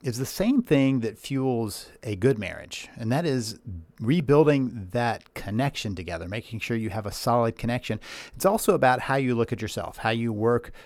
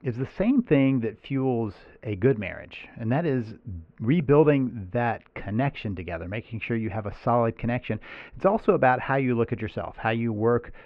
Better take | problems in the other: first | muffled; very; fading above 2.5 kHz

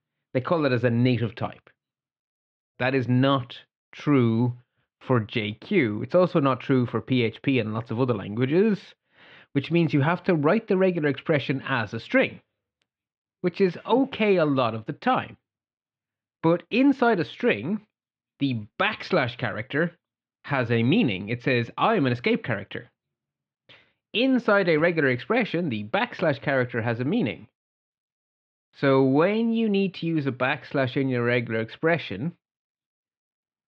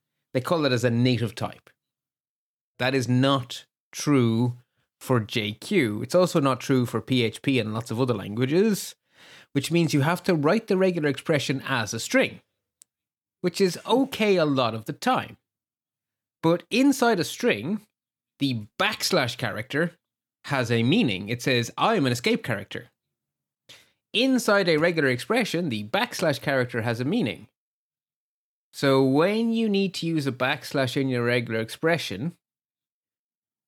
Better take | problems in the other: second | muffled; slightly; fading above 3 kHz

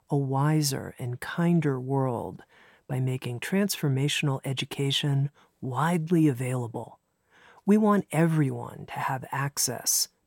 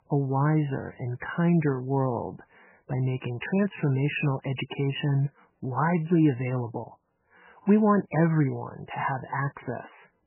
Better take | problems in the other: first | garbled, watery; badly; nothing above 3 kHz

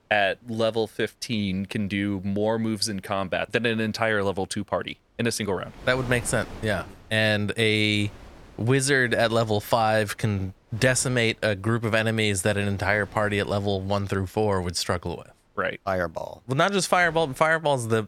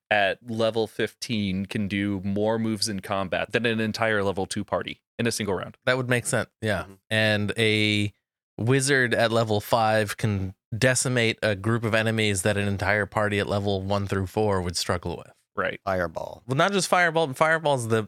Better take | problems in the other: second | wind noise on the microphone; occasional gusts; 25 dB below the speech

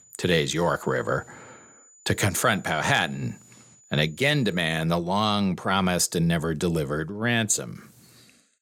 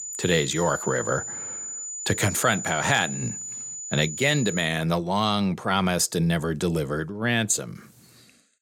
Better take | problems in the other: first | high-pitched whine; loud; until 4.5 s; 7 kHz, 7 dB below the speech; faint in the first

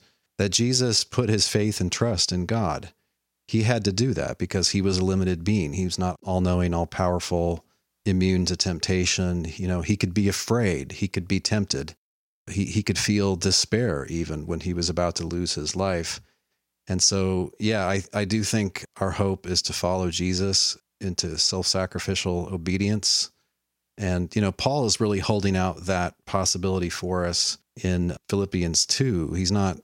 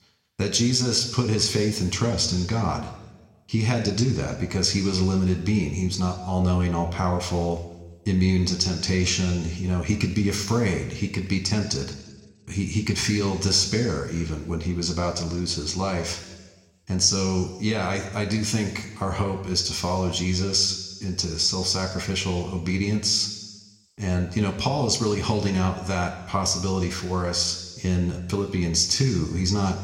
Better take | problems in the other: first | room echo; slight; dies away in 1.1 s

